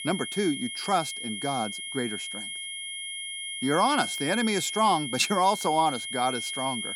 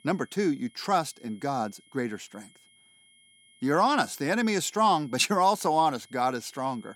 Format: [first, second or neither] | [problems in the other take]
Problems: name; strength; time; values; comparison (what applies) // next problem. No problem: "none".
second | high-pitched whine; loud; throughout; 3 kHz, 5 dB below the speech; faint in the second